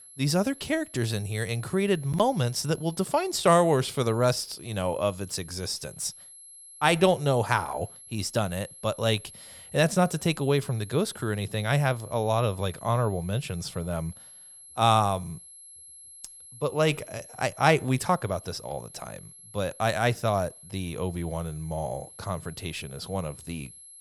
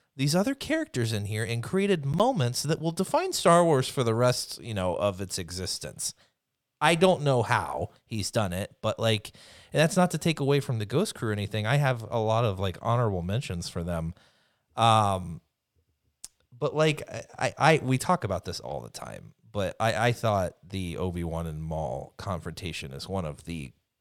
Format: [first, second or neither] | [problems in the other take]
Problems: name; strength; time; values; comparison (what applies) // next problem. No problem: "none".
second | high-pitched whine; noticeable; throughout; 11 kHz, 20 dB below the speech